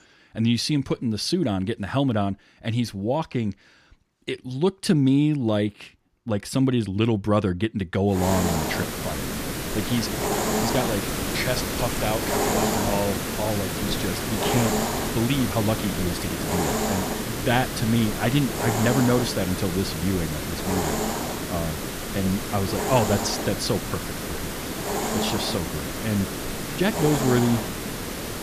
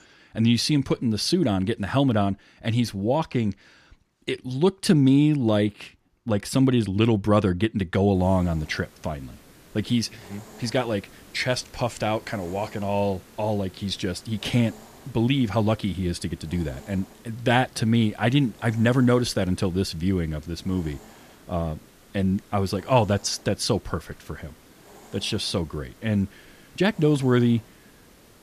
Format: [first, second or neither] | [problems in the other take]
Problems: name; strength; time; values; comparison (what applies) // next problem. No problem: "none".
second | hiss; loud; from 8 s on; 2 dB below the speech; faint in the second